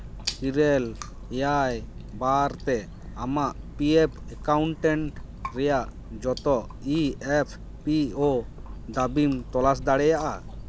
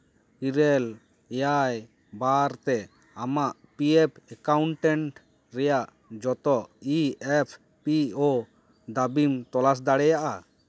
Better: second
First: background sound (Chewing, mastication); 12 dB below the speech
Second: none

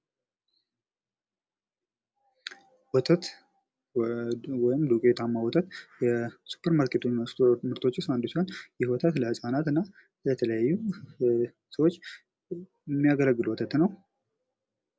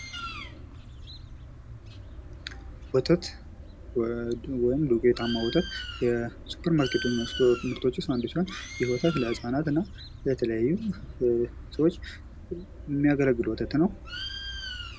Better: first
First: none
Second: background sound (Bird); 12 dB below the speech

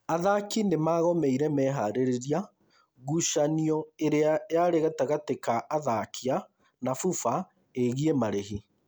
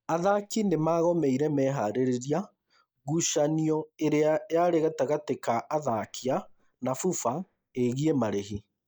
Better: first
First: none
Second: noise reduction (neural mask model DeepFilterNet 3)

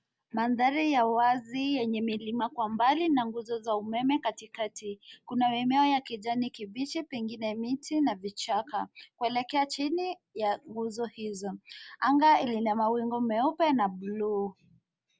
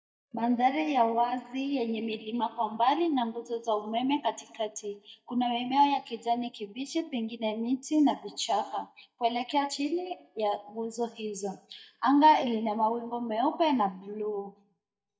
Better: first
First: none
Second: noise reduction (neural mask model DeepFilterNet 3)

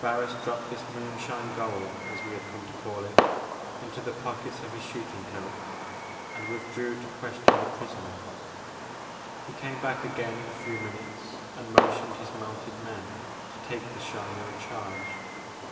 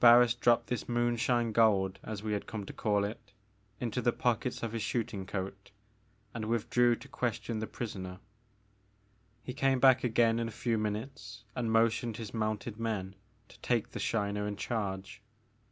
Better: second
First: background sound (Fireworks); 4 dB above the speech // room echo; dies away in 2.7 s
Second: none

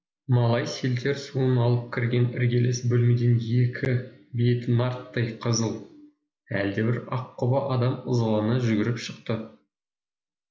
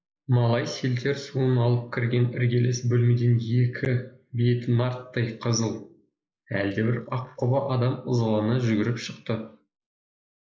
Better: first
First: none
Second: noise reduction (neural mask model Resemble Enhance denoiser)

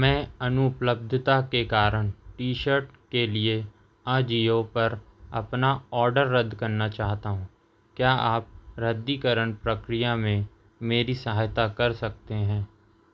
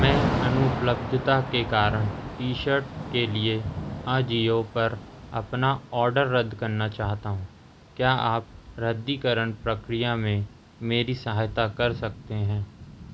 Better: first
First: none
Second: background sound (Thunder / Rain); 8 dB below the speech

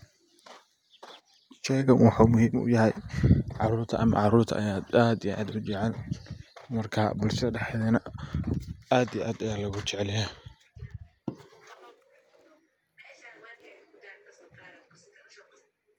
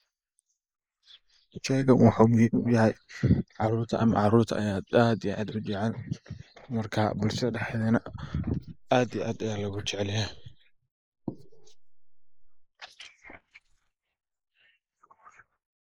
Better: first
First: none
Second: noise reduction (neural mask model Resemble Enhance denoiser)

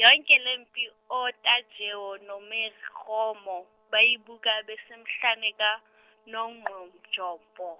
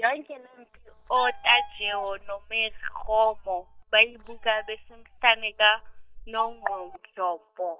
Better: first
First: none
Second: noise reduction (neural mask model DeepFilterNet 3)

